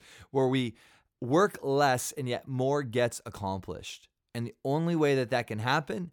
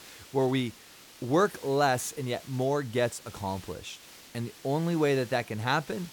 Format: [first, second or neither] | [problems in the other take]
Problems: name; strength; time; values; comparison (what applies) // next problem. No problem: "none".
first | hiss; noticeable; throughout; 20 dB below the speech